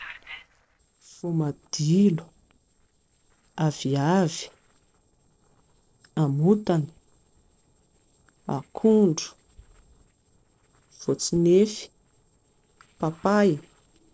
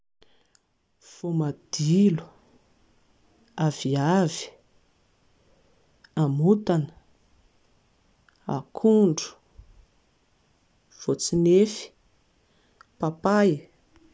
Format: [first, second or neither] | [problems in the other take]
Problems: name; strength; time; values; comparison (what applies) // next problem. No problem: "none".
second | noise reduction (neural separator model SepFormer DNS4)